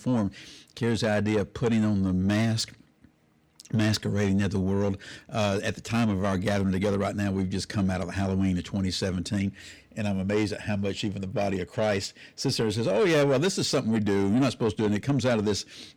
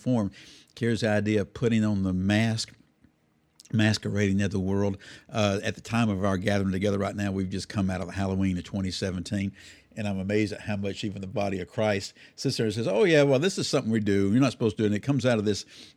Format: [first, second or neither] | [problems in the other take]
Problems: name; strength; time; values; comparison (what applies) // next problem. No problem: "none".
second | distortion; slight; 10 dB below the speech